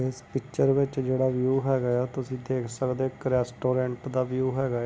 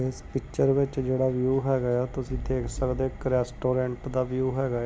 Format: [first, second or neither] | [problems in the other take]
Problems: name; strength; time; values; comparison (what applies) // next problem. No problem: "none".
first | background sound (Thunder); 12 dB below the speech